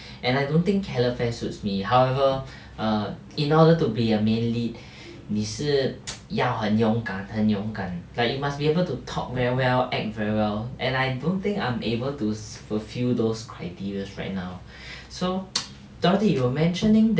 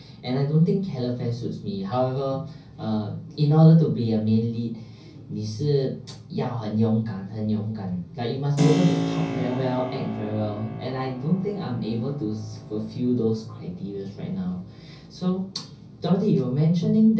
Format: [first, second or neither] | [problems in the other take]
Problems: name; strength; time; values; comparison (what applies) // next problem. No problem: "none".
first | background sound (Keyboard (musical)); 11 dB below the speech // room echo; dies away in 0.5 s